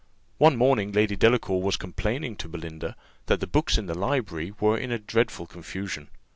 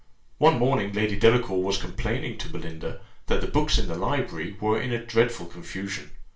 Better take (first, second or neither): first